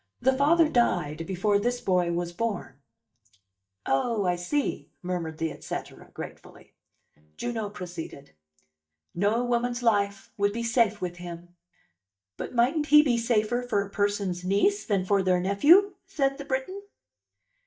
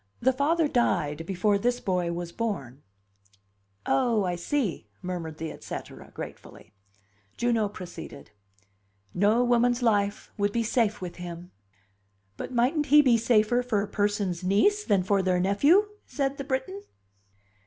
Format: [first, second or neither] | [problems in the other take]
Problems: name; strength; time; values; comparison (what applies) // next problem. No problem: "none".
second | noise reduction (neural mask model DeepFilterNet 3)